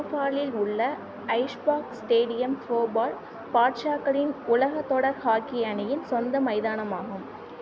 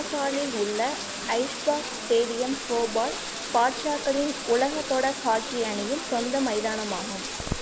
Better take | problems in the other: first | background sound (Bathtub (filling or washing)); 8 dB below the speech

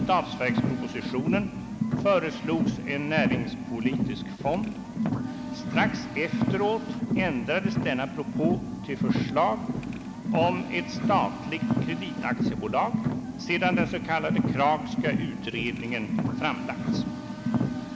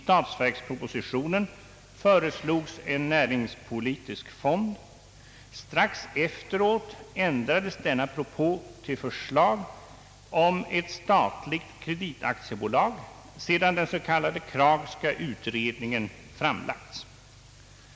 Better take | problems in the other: second | background sound (Car); as loud as the speech

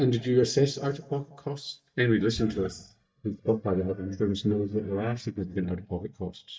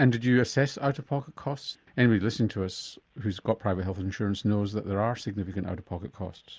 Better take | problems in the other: second | noise reduction (neural mask model DeepFilterNet 3)

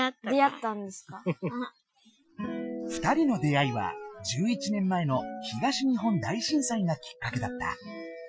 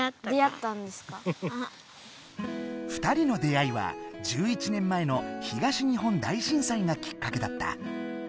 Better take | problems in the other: second | noise reduction (classical method Wiener filter)

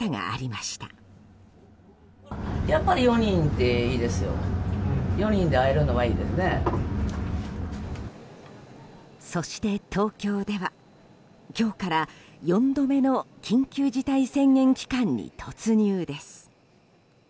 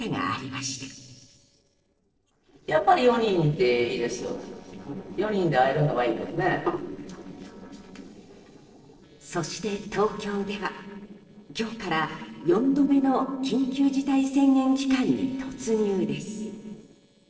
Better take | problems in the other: first | noise reduction (neural separator model SepFormer DNS4)

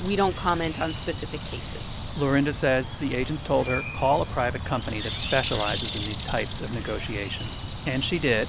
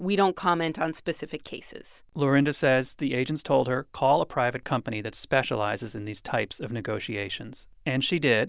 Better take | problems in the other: second | background sound (Bird); 6 dB below the speech

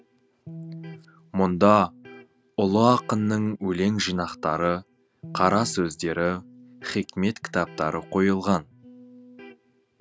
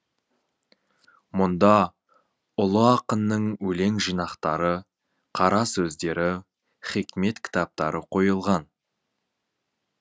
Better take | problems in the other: second | background sound (Electric guitar); 20 dB below the speech

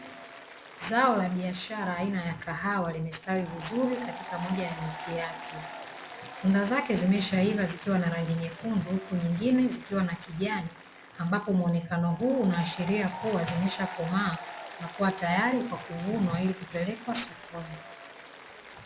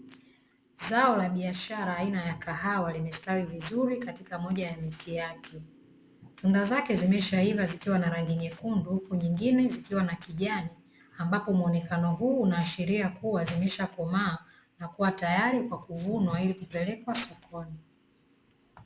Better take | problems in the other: second | background sound (Applause); 14 dB below the speech

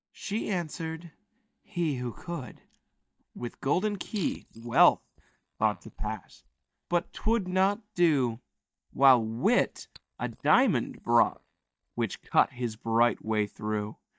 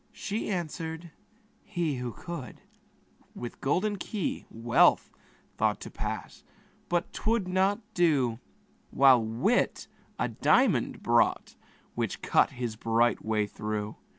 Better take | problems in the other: second | noise reduction (neural mask model DeepFilterNet 3)

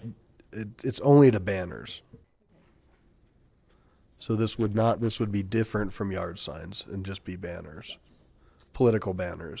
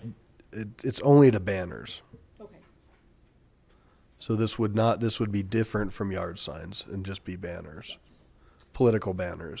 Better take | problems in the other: second | noise reduction (neural separator model SepFormer DNS4)

